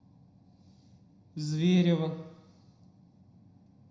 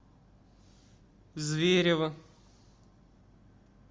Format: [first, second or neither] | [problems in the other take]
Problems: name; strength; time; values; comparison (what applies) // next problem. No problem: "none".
second | room echo; dies away in 0.7 s